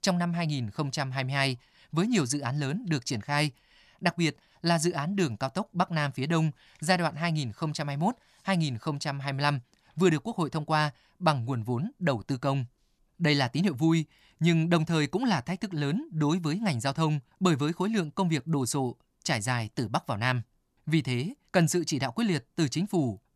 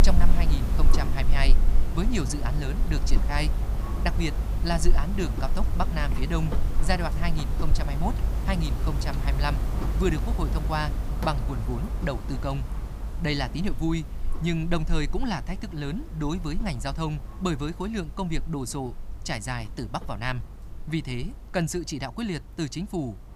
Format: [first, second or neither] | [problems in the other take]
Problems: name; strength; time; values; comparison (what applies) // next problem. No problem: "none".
first | machinery noise; very loud; throughout; 1 dB above the speech